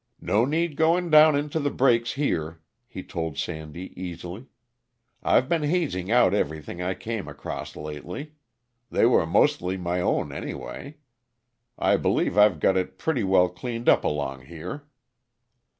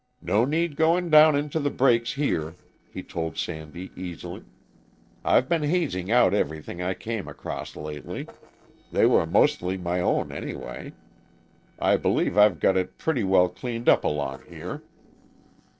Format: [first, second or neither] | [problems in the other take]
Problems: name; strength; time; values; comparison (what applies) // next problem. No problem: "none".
first | noise reduction (neural separator model SepFormer DNS4)